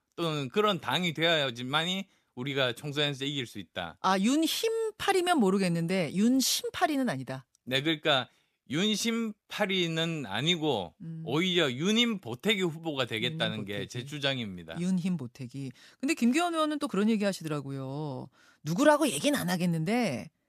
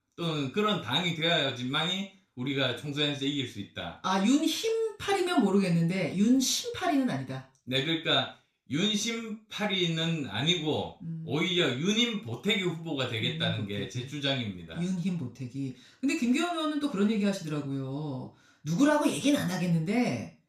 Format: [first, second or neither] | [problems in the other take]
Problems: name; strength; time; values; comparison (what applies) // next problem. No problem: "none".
first | room echo; slight; dies away in 0.3 s // off-mic speech; far